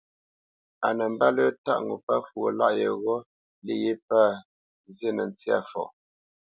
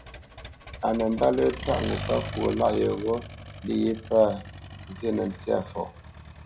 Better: first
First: none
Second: background sound (Accelerating, revving, vroom); 11 dB below the speech // room echo; dies away in 0.4 s

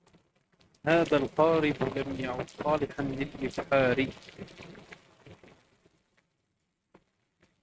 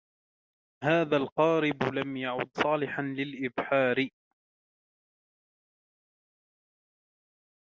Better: second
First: noise reduction (neural mask model RNNoise)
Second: none

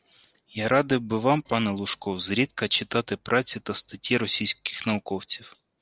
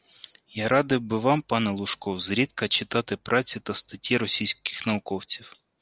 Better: second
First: noise reduction (neural separator model SepFormer DNS4)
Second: none

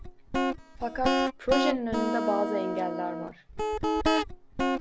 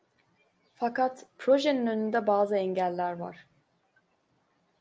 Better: second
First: background sound (Guitar); 4 dB above the speech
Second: none

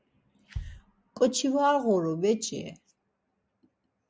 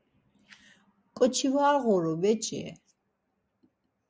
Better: second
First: background sound (Bass drum); 16 dB below the speech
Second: none

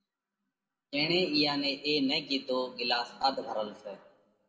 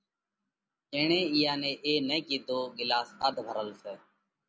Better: second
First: room echo; dies away in 0.9 s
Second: none

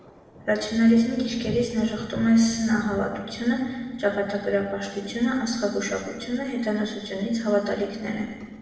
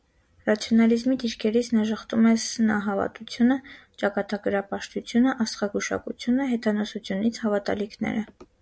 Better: second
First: background sound (Thunder); 18 dB below the speech // room echo; dies away in 1.2 s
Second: none

